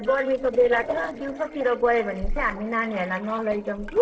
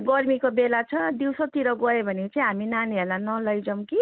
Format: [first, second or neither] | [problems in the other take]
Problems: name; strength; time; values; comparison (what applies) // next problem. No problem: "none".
second | noise reduction (neural separator model SepFormer DNS4)